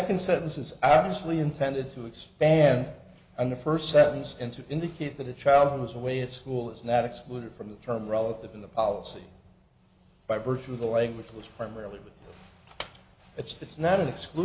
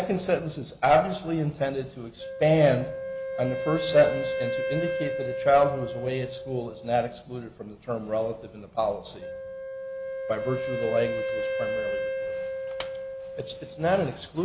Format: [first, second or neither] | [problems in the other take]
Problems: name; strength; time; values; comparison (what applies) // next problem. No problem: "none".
first | background sound (Wind instrument, woodwind instrument); 6 dB below the speech